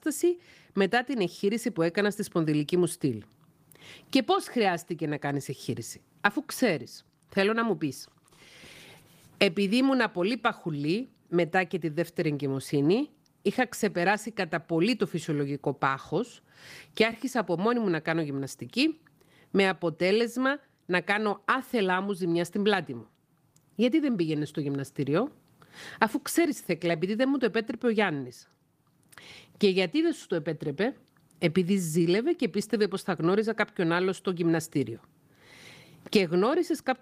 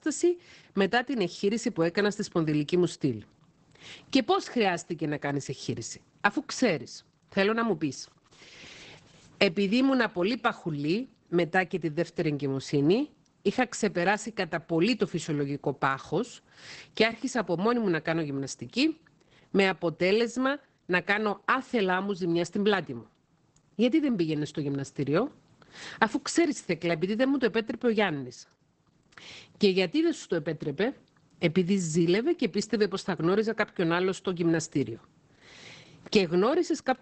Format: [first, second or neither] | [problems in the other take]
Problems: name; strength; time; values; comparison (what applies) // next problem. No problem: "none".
first | garbled, watery; badly; nothing above 8 kHz; slightly in the first